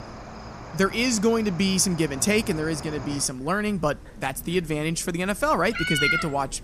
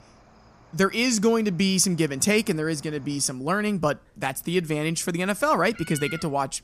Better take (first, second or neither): second